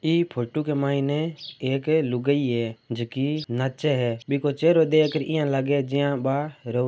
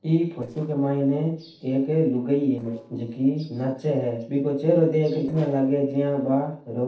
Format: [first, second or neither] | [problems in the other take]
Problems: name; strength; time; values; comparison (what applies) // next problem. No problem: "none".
first | noise reduction (neural separator model SepFormer DNS4)